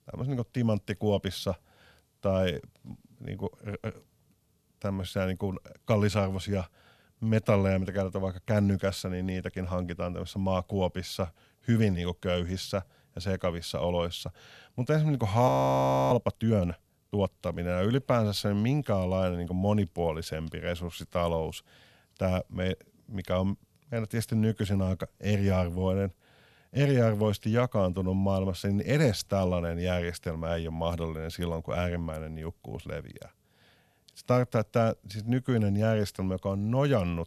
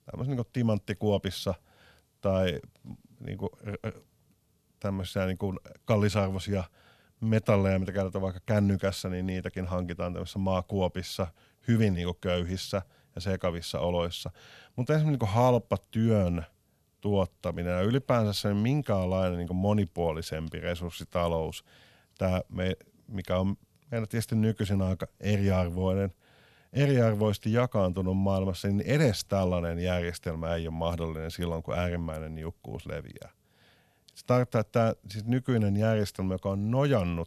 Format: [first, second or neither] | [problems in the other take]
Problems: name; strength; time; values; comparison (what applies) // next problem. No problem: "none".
second | audio freezing; at 15 s for 0.5 s